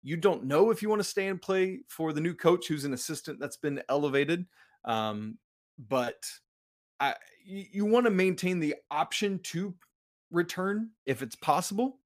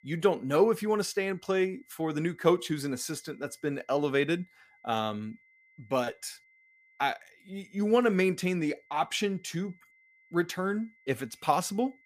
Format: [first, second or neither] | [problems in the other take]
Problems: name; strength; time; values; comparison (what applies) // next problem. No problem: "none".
first | high-pitched whine; faint; throughout; 2 kHz, 30 dB below the speech